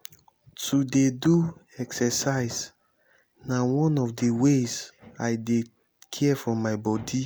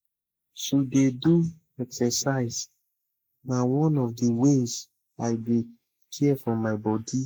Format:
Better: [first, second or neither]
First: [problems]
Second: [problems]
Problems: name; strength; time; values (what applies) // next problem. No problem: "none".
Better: first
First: none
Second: noise reduction (neural mask model Resemble Enhance denoiser)